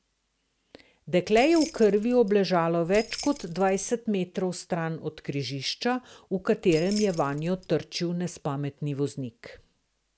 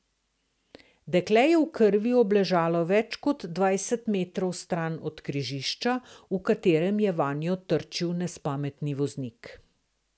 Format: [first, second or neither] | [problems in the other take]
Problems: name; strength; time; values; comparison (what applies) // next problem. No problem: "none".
second | background sound (Keys jangling); 15 dB below the speech